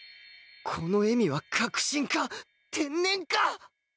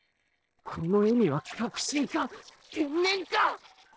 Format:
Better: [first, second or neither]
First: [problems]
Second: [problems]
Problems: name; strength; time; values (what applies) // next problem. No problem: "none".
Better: first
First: none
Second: noise reduction (neural separator model SepFormer DNS4)